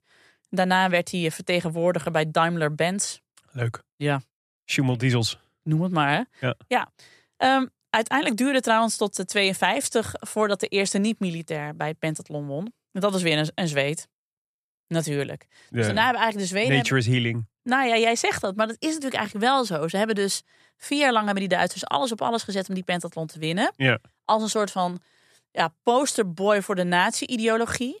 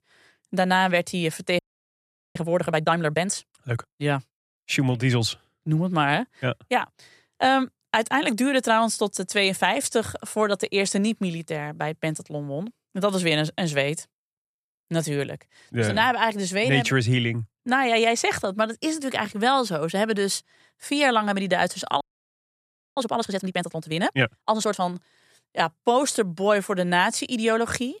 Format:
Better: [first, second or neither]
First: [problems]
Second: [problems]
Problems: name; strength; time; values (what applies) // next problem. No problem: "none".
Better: first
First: none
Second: audio freezing; at 1.5 s for 1 s and at 22 s for 1 s